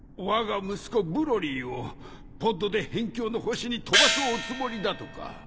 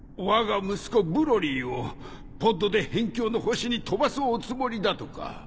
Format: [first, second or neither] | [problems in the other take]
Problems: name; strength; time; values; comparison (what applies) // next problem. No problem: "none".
second | background sound (Gong); 3 dB above the speech